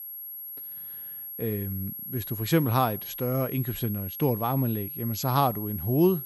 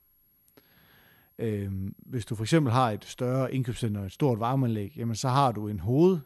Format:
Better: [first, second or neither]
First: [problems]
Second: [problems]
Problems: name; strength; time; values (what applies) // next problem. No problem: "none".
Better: second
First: high-pitched whine; loud; throughout; 11.5 kHz, 7 dB below the speech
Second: high-pitched whine; faint; throughout; 11.5 kHz, 35 dB below the speech